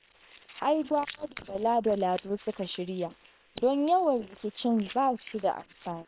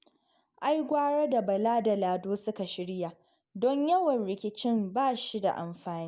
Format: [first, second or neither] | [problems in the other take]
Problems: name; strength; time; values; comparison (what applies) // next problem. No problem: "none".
second | noise reduction (neural separator model SepFormer WHAM!)